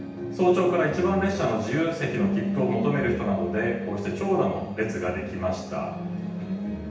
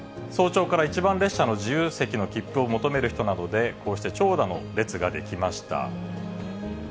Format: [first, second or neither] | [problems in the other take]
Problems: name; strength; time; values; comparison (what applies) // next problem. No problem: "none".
second | background sound (Bass guitar); 8 dB below the speech // room echo; dies away in 0.9 s